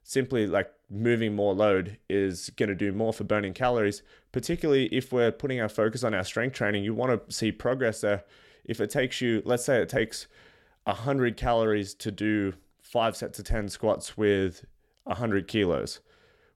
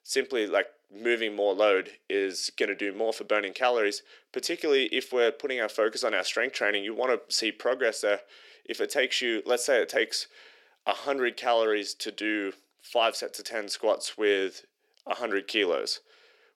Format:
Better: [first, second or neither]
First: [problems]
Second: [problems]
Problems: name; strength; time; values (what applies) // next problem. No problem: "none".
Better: first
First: none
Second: thin; somewhat; fading below 350 Hz